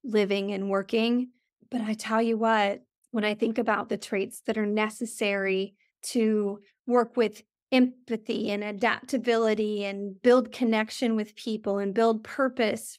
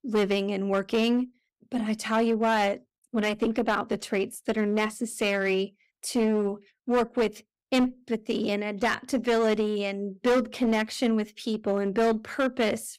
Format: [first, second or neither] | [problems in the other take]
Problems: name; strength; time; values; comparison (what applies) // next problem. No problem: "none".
first | distortion; slight; 9% of the sound clipped